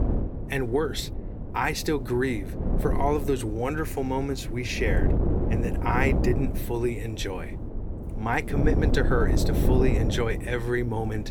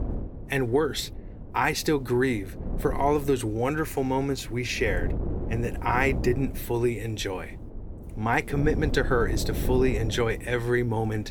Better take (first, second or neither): second